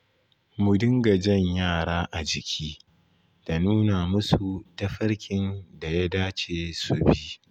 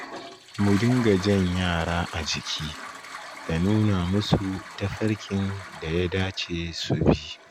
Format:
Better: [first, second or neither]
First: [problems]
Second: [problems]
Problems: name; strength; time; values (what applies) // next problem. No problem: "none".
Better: first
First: none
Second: background sound (Toilet flush); 14 dB below the speech